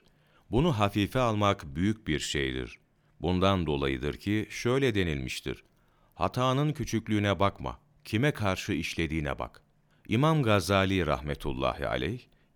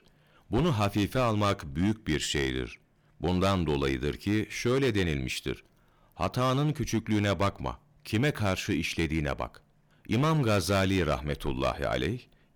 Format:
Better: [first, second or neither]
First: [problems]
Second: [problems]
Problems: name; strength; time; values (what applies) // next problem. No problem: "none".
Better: first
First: none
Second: distortion; slight; 7% of the sound clipped